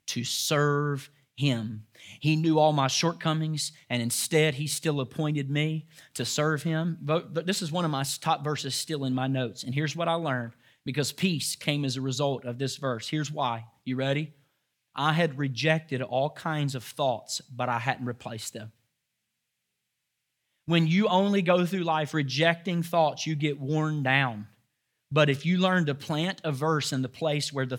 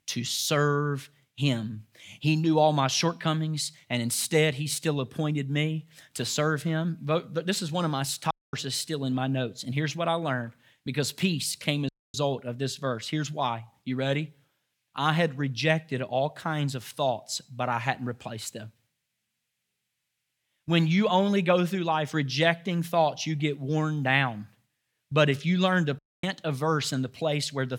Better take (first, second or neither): first